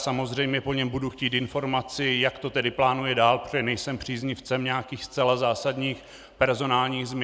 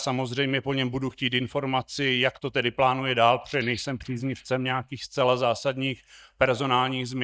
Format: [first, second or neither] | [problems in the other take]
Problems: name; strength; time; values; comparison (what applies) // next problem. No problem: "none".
first | noise reduction (neural mask model DeepFilterNet 3)